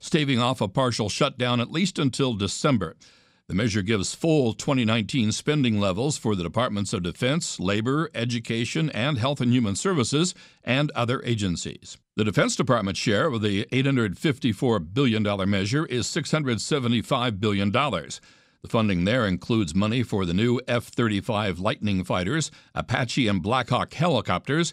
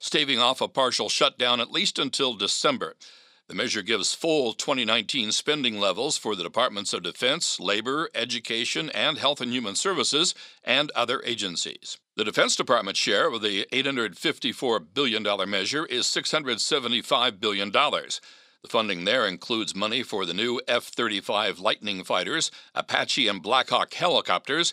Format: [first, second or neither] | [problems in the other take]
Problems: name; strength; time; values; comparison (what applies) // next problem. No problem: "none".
first | thin; somewhat; fading below 450 Hz